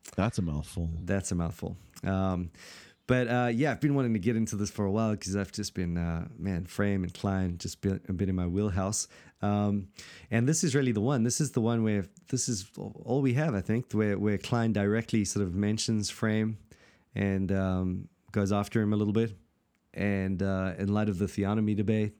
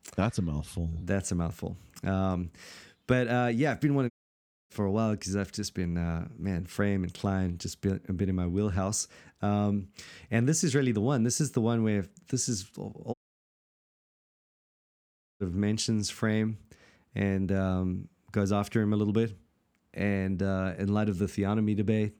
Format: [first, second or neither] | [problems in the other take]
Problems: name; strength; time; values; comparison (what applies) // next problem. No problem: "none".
first | audio cutting out; at 4 s for 0.5 s and at 13 s for 2.5 s